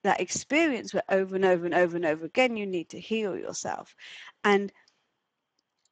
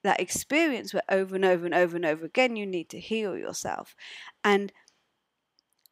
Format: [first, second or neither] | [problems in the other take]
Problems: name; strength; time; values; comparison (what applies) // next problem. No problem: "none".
second | garbled, watery; badly; nothing above 7.5 kHz